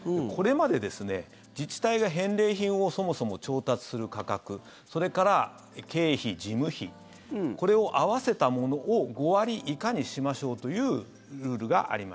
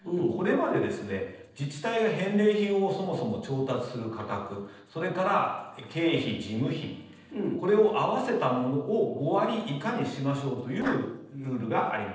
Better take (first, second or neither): first